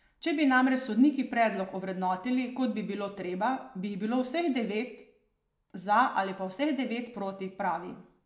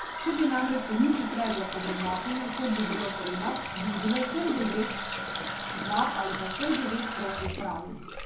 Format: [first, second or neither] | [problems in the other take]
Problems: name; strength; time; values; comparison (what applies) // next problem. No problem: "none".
first | background sound (Water tap, faucet); 4 dB below the speech // room echo; dies away in 0.6 s